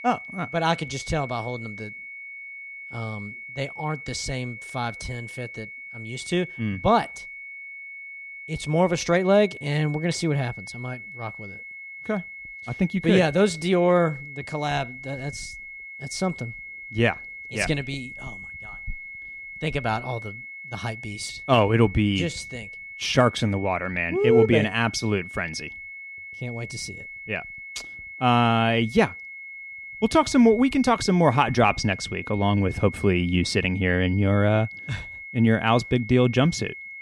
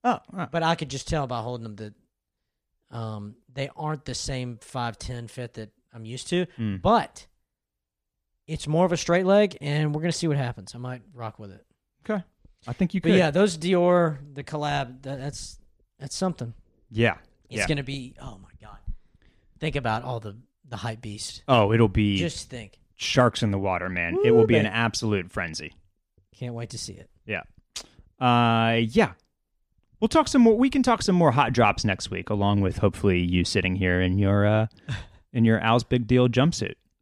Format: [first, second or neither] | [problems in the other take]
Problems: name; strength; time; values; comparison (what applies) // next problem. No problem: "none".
second | high-pitched whine; noticeable; throughout; 2 kHz, 15 dB below the speech